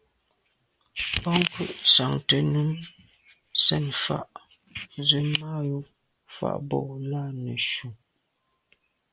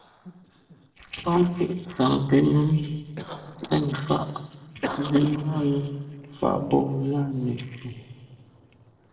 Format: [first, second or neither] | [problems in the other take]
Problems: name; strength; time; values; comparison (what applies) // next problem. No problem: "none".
first | noise reduction (neural separator model SepFormer DNS4)